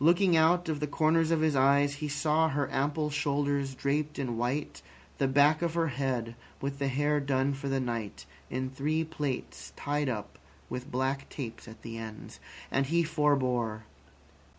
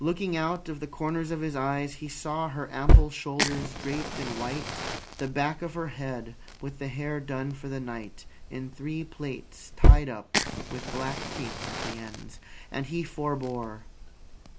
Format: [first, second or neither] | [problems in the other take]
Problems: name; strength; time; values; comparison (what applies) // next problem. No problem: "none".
first | background sound (Fire); 5 dB above the speech